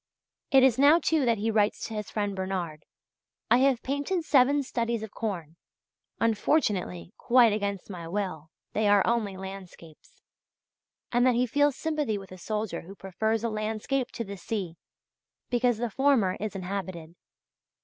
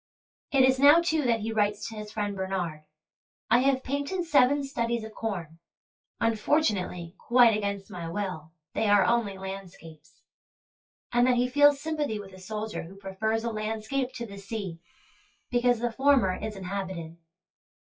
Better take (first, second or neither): first